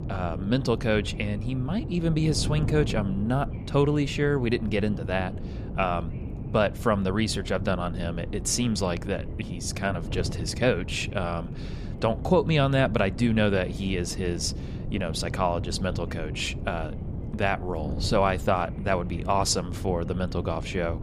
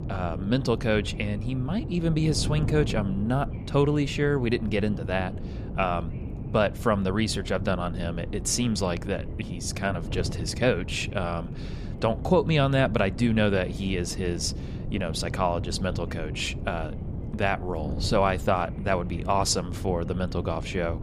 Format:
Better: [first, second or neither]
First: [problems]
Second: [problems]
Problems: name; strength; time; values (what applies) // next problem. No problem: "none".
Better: neither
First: wind noise on the microphone; occasional gusts; 15 dB below the speech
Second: wind noise on the microphone; occasional gusts; 15 dB below the speech